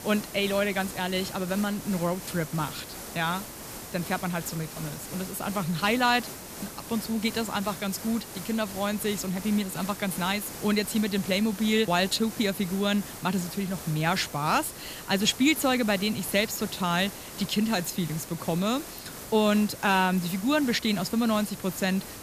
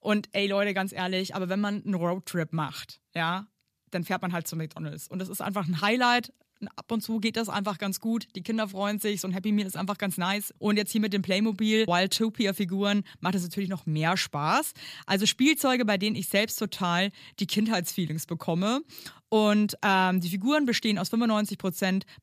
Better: second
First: hiss; noticeable; throughout; 10 dB below the speech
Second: none

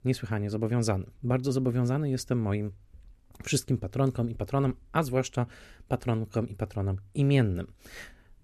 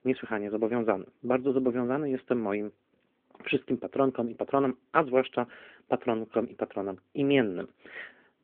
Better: first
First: none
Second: phone-call audio

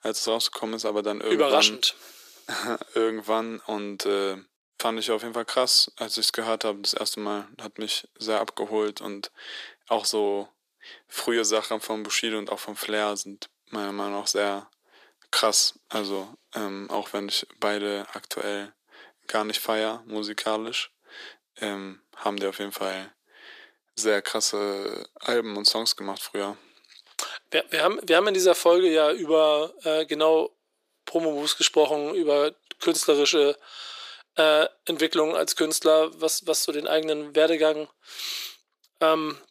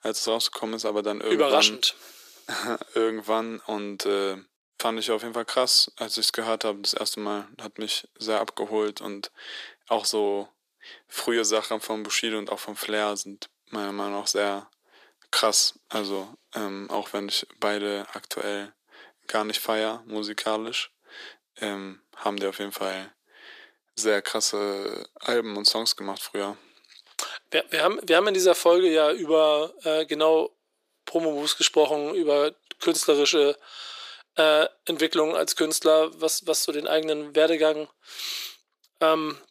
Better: neither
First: thin; very; fading below 400 Hz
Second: thin; very; fading below 400 Hz

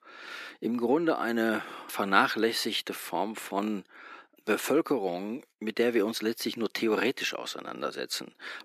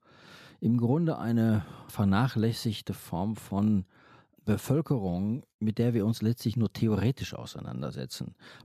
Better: second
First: thin; very; fading below 300 Hz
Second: none

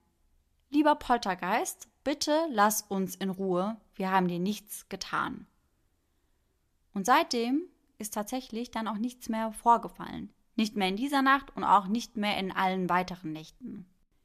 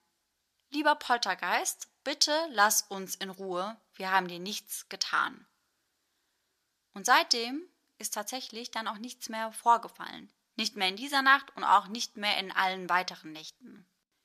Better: first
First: none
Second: thin; somewhat; fading below 800 Hz

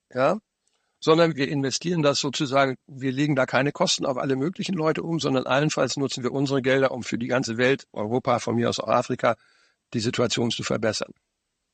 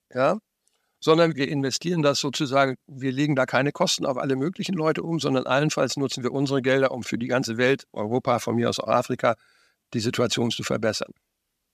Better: second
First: garbled, watery; slightly; nothing above 7.5 kHz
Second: none

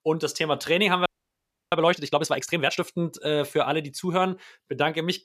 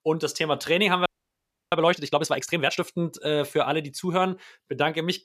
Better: neither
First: audio freezing; at 1 s for 0.5 s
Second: audio freezing; at 1 s for 0.5 s

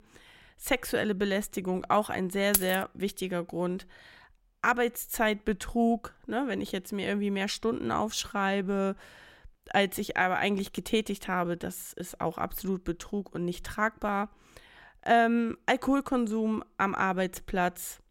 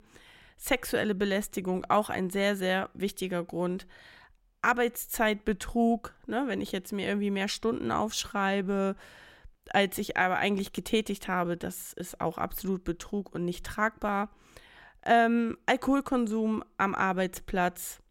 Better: second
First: jangling keys; loud; at 2.5 s; peak 2 dB above the speech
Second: none

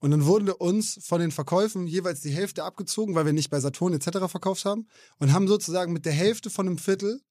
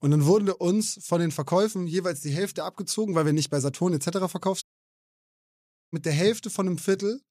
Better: first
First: none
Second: audio cutting out; at 4.5 s for 1.5 s

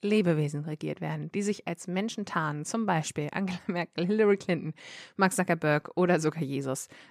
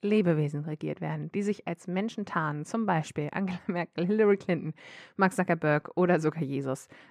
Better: first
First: none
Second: muffled; slightly; fading above 3 kHz

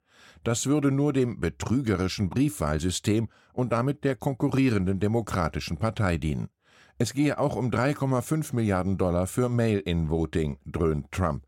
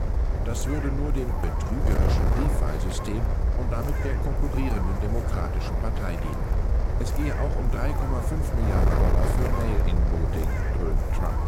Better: first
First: none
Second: wind noise on the microphone; heavy; 2 dB above the speech

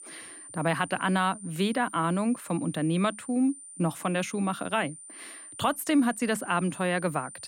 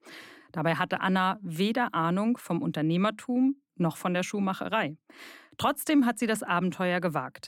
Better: second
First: high-pitched whine; noticeable; throughout; 9 kHz, 15 dB below the speech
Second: none

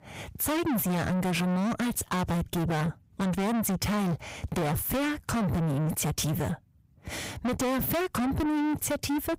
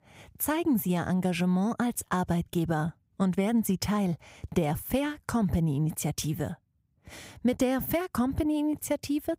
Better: second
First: distortion; heavy; 6 dB below the speech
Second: none

